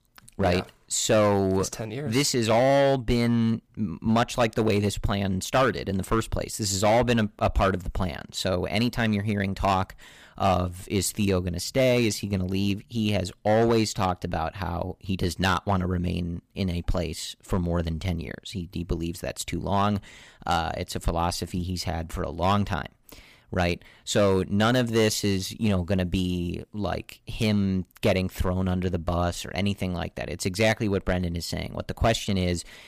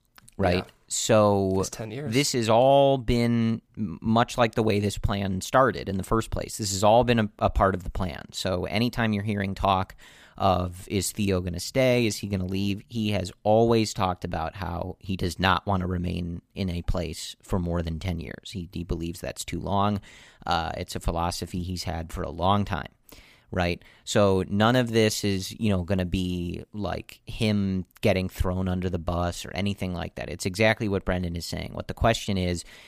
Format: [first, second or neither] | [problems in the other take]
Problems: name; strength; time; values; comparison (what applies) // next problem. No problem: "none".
second | distortion; slight; 4% of the sound clipped